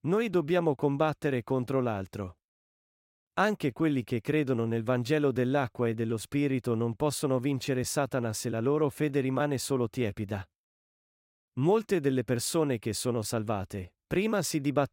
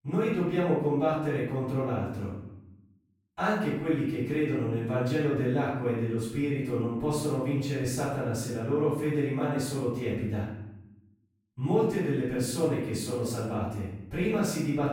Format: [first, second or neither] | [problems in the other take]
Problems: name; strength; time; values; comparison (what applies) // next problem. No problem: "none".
first | off-mic speech; far // room echo; noticeable; dies away in 0.8 s